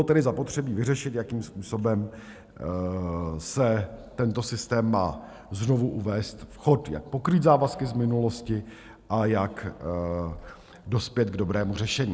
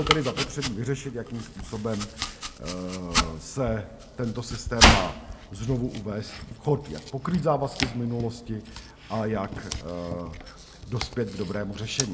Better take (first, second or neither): first